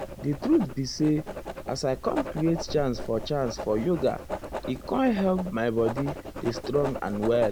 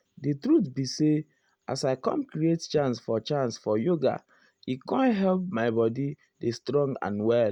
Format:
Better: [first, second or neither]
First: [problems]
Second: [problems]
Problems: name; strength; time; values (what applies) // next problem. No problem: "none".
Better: second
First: background sound (Writing); 9 dB below the speech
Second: none